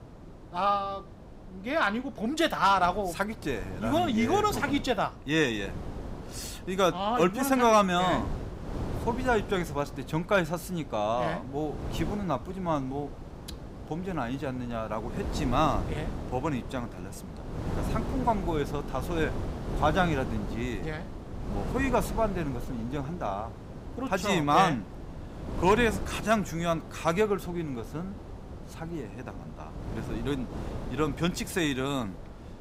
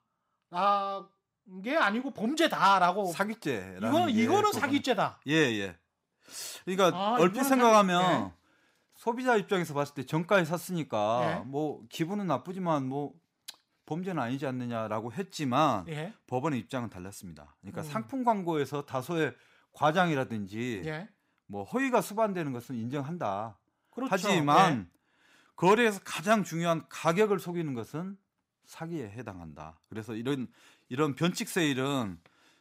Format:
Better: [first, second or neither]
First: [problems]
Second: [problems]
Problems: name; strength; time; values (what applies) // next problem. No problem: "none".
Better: second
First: wind noise on the microphone; occasional gusts; 15 dB below the speech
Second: none